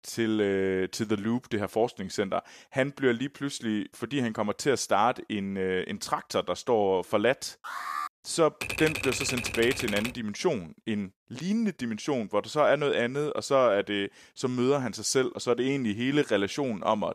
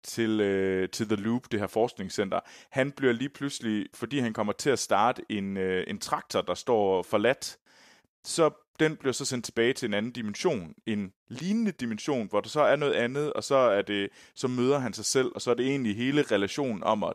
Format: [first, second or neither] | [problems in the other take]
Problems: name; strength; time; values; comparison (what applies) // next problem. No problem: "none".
second | alarm; noticeable; at 7.5 s; peak 5 dB below the speech // keyboard typing; noticeable; from 8.5 to 10 s; peak 3 dB below the speech